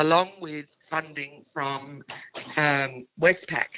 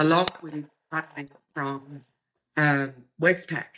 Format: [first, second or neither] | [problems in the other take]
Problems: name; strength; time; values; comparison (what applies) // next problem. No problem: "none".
first | noise reduction (neural mask model DeepFilterNet 3)